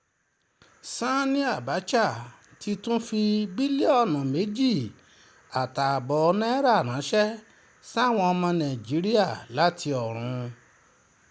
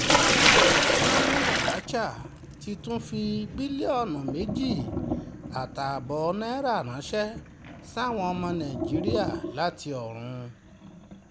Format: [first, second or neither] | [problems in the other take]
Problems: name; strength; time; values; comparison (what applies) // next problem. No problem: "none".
first | background sound (Sink (filling or washing)); 3 dB above the speech